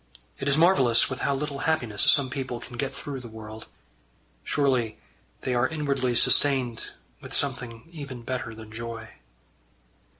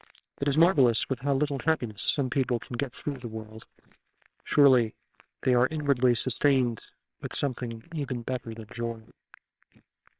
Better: first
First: none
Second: noise reduction (neural separator model SepFormer WHAMR!)

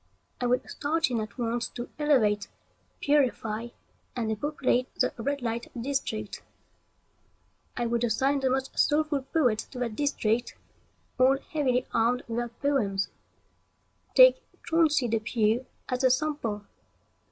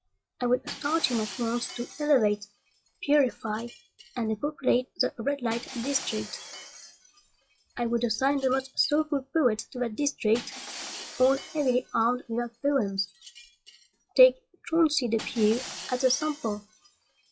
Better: first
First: none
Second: noise reduction (classical method log-MMSE)

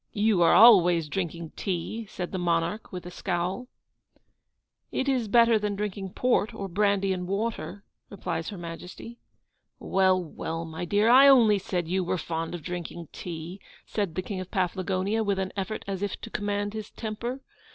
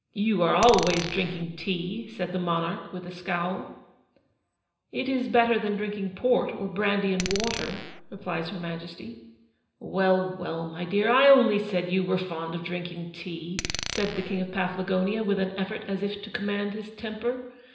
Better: first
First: none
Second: background sound (Glass); 9 dB below the speech // room echo; dies away in 0.9 s

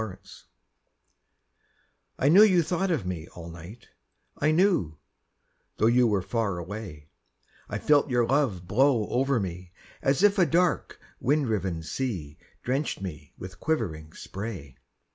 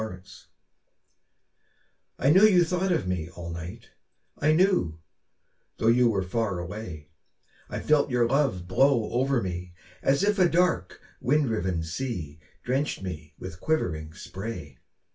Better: first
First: none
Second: room echo; dies away in 0.2 s

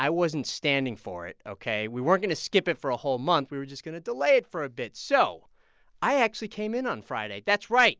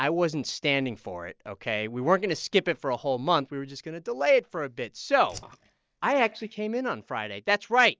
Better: first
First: none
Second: noise reduction (neural mask model DeepFilterNet 3)

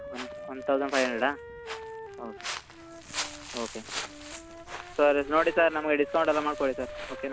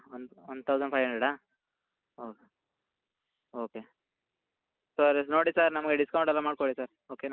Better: second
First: background sound (Walk, footsteps + Wind instrument, woodwind instrument); 10 dB below the speech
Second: none

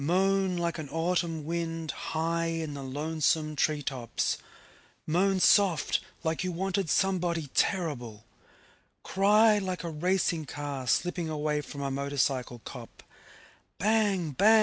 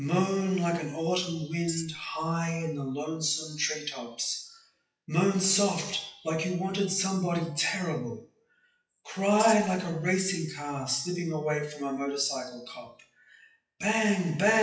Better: first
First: none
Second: noise reduction (classical method WPE with log-MMSE)

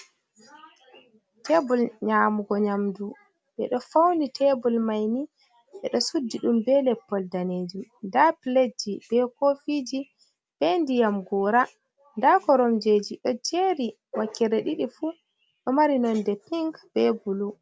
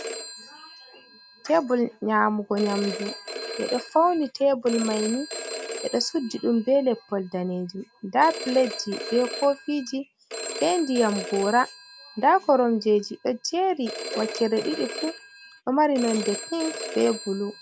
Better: first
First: none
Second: background sound (Telephone); 11 dB below the speech

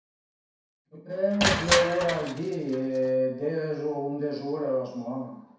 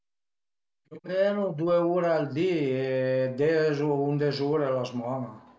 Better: second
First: background sound (Crushing); 3 dB below the speech // room echo; dies away in 0.6 s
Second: none

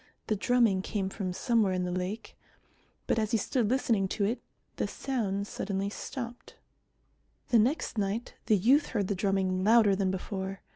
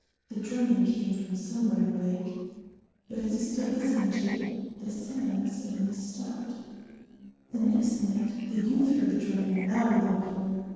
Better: first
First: none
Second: noise reduction (neural separator model SepFormer DNS4)

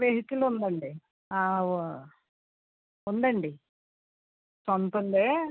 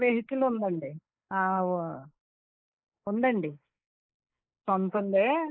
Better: first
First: none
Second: noise reduction (neural mask model Resemble Enhance denoiser)

